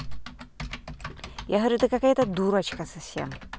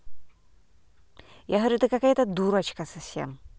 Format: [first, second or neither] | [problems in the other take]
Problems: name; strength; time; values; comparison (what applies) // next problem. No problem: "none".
second | background sound (Typing); 13 dB below the speech